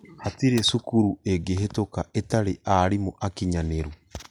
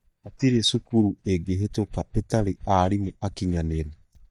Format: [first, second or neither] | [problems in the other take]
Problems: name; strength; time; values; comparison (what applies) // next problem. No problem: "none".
first | noise reduction (neural mask model DeepFilterNet 3)